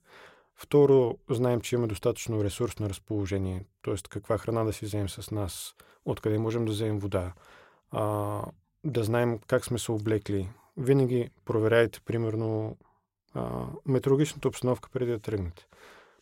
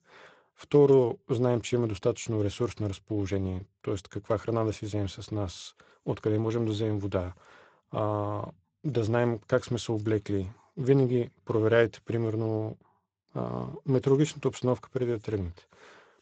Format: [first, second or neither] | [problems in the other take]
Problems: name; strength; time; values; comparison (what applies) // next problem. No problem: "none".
first | garbled, watery; slightly; nothing above 7.5 kHz